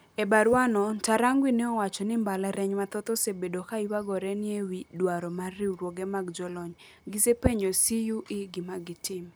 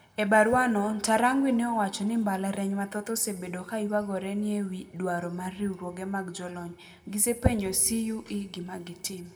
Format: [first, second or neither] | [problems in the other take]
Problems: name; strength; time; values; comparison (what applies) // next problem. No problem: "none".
first | room echo; dies away in 0.7 s